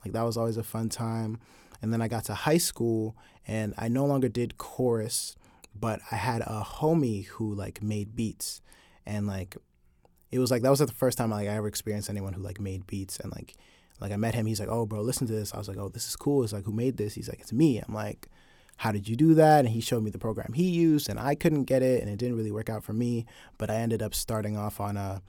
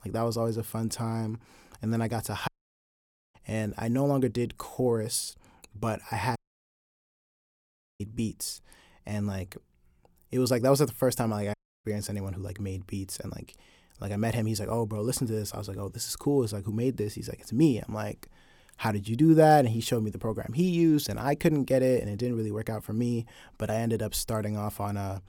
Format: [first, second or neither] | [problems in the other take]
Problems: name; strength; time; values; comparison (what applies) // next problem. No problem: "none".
first | audio cutting out; at 2.5 s for 1 s, at 6.5 s for 1.5 s and at 12 s